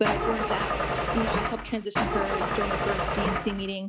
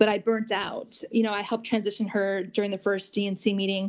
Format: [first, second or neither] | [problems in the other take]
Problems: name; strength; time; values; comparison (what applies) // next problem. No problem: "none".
second | background sound (Engine starting / Car); 3 dB above the speech